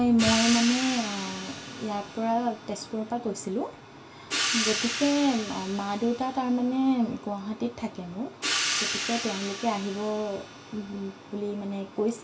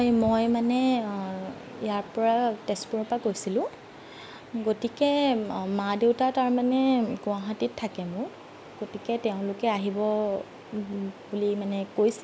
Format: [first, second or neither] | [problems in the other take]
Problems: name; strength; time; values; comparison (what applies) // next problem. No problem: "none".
second | background sound (Hi-hat); 6 dB below the speech // room echo; dies away in 0.2 s